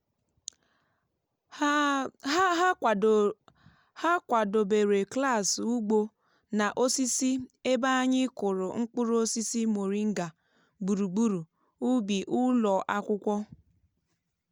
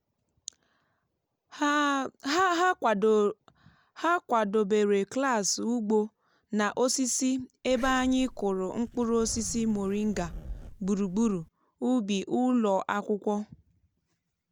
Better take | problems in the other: first | background sound (Zipper (clothing)); 14 dB below the speech

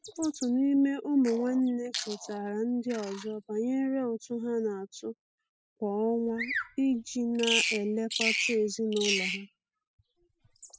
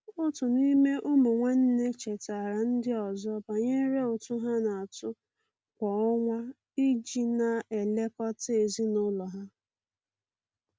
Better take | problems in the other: second | noise reduction (classical method spectral subtraction)

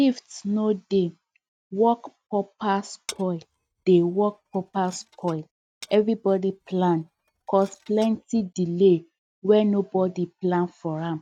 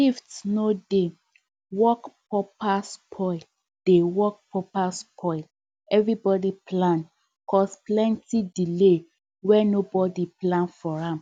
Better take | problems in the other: second | noise reduction (neural mask model RNNoise)

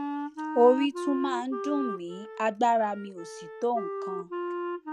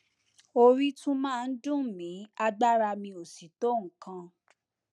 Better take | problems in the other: second | background sound (Wind instrument, woodwind instrument); 7 dB below the speech

